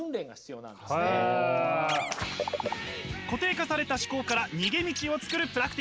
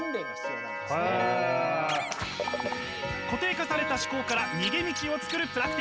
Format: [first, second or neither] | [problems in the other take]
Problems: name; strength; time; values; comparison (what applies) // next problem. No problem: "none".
first | background sound (Clock); 5 dB below the speech